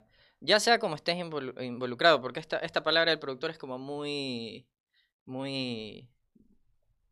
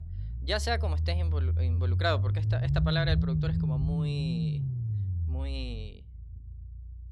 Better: first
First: none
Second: low rumble; loud; throughout; 7 dB below the speech

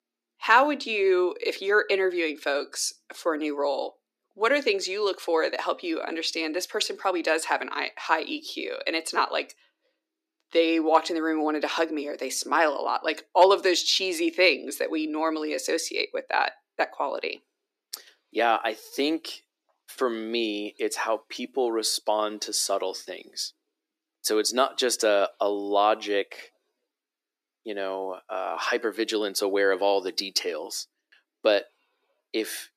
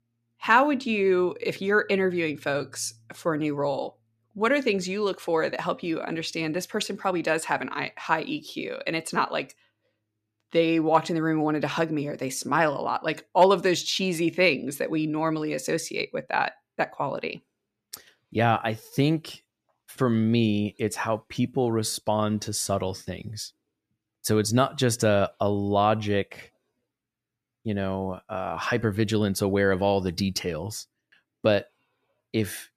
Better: second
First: thin; somewhat; fading below 300 Hz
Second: none

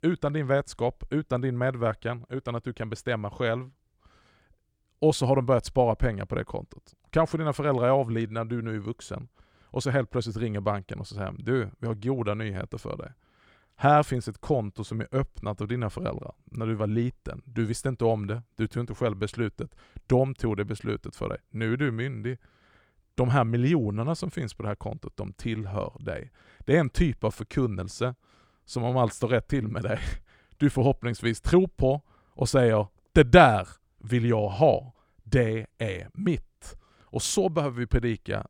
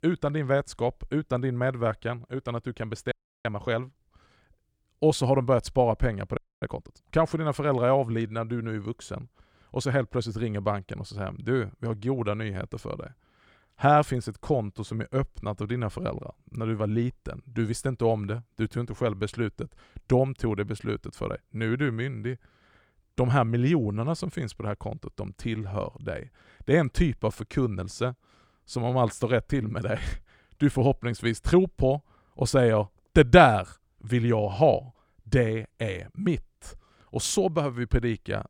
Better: first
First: none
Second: audio freezing; at 3 s and at 6.5 s

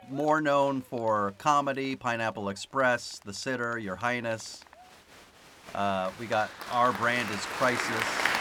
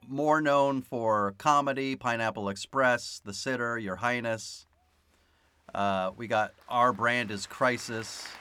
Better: second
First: crowd noise; loud; throughout; 5 dB below the speech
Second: crowd noise; faint; throughout; 25 dB below the speech

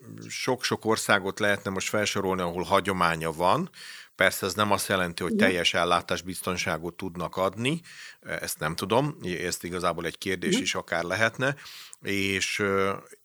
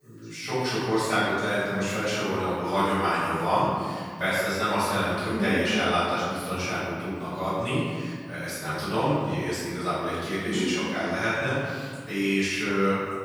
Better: first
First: none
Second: room echo; strong; dies away in 1.9 s // off-mic speech; far

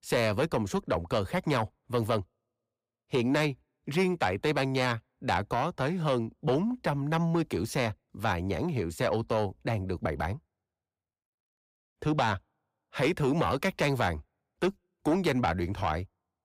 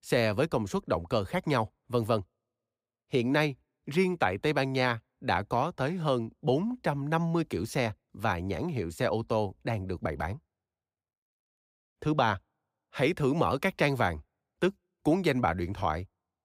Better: second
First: distortion; slight; 10 dB below the speech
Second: none

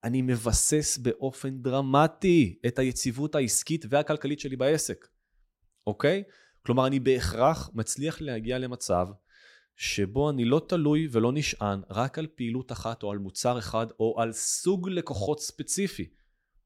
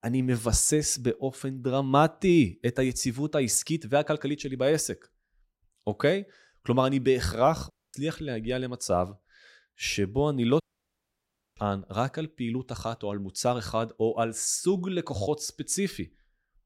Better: first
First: none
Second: audio cutting out; at 7.5 s and at 11 s for 1 s

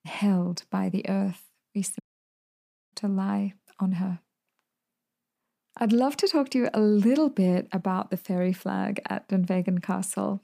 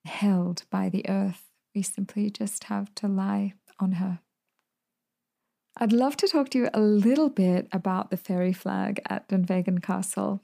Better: second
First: audio cutting out; at 2 s for 1 s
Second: none

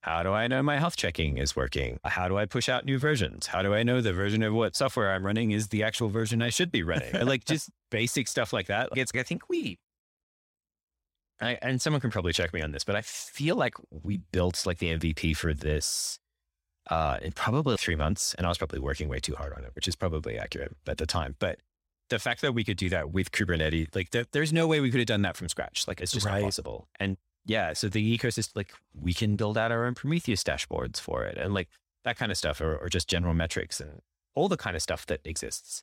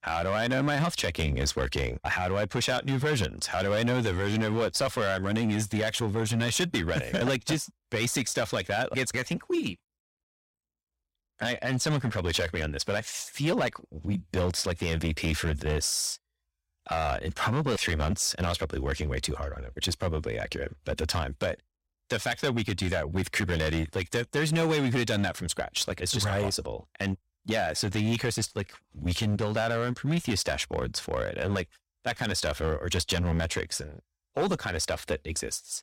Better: first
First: none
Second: distortion; slight; 7% of the sound clipped

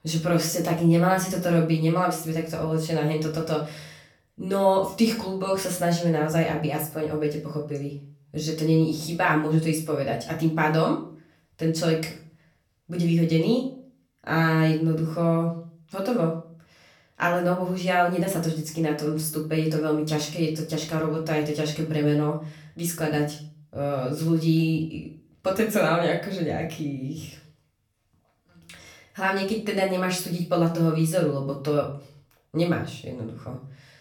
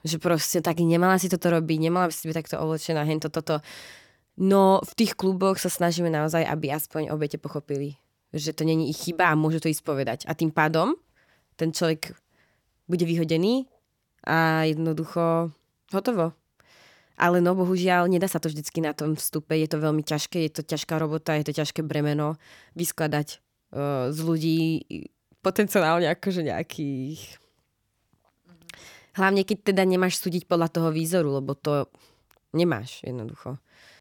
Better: second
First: room echo; slight; dies away in 0.4 s // off-mic speech; far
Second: none

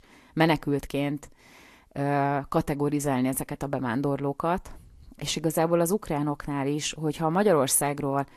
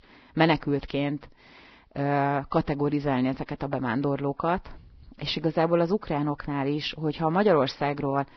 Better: first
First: garbled, watery; slightly; nothing above 12.5 kHz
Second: garbled, watery; badly; nothing above 5.5 kHz

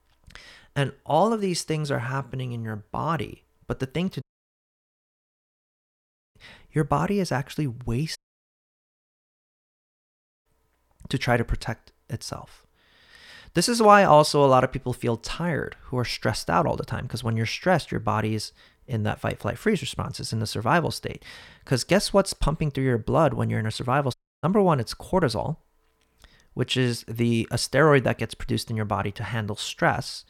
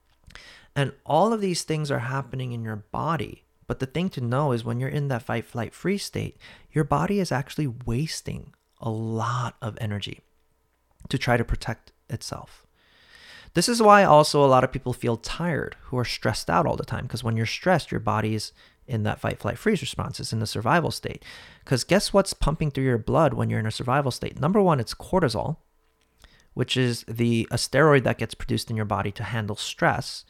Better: second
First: audio cutting out; at 4 s for 2 s, at 8 s for 2.5 s and at 24 s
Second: none

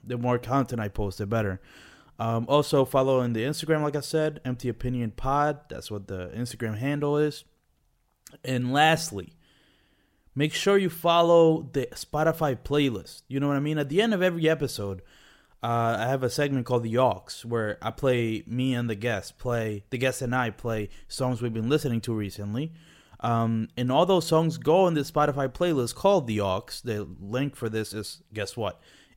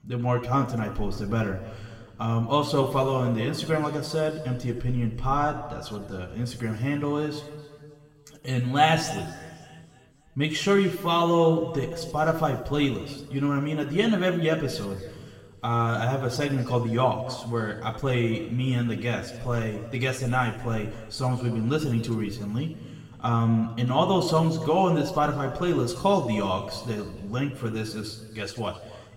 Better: first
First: none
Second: room echo; noticeable; dies away in 2 s // off-mic speech; somewhat distant

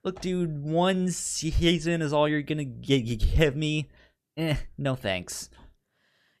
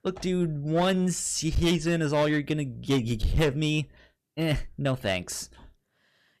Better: first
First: none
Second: distortion; slight; 6% of the sound clipped

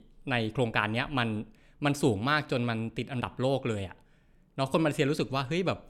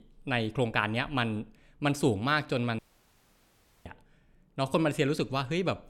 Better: first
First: none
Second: audio cutting out; at 3 s for 1 s

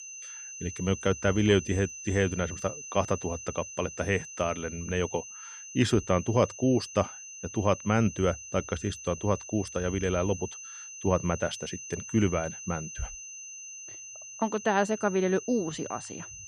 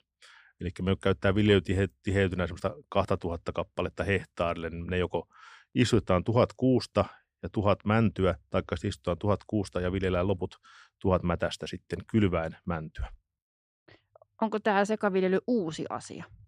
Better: second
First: high-pitched whine; noticeable; throughout; 6 kHz, 10 dB below the speech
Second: none

